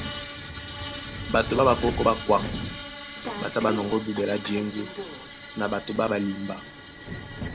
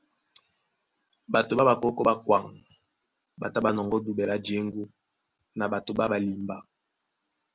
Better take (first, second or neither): second